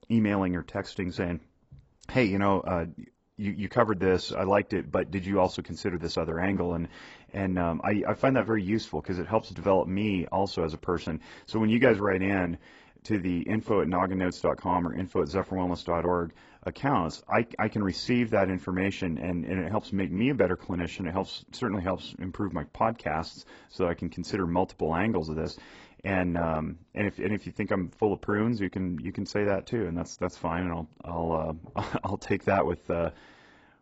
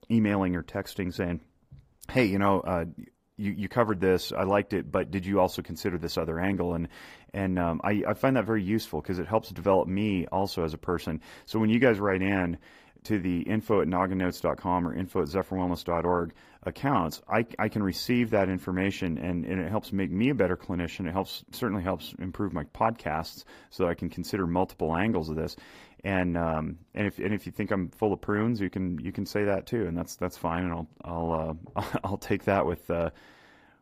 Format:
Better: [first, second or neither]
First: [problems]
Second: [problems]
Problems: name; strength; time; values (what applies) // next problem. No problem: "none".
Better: second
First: garbled, watery; badly; nothing above 7.5 kHz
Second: garbled, watery; slightly; nothing above 15 kHz